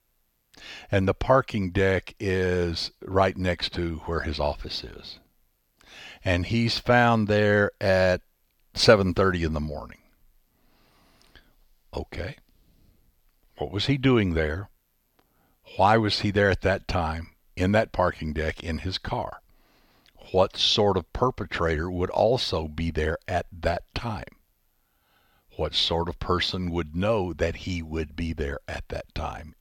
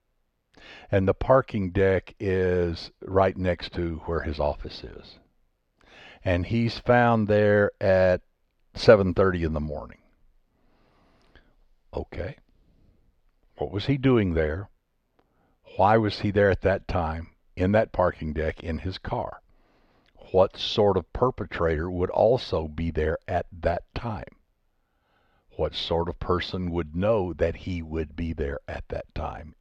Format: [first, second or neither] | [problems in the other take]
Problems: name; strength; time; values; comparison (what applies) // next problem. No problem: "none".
first | muffled; slightly; fading above 2 kHz